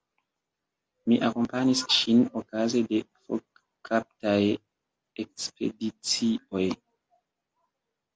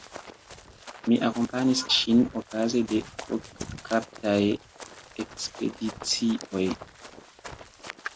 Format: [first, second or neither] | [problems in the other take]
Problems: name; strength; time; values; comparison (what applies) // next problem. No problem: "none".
first | background sound (Run); 15 dB below the speech